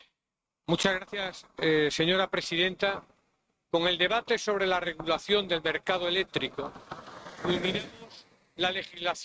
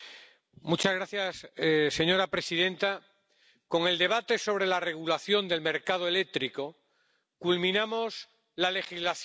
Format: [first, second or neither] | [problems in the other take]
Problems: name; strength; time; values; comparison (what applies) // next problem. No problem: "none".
second | noise reduction (neural mask model RNNoise)